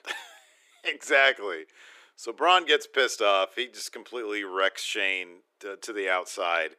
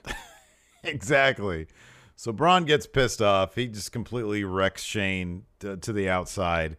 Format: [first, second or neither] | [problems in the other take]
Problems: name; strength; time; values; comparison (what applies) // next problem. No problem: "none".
second | thin; very; fading below 350 Hz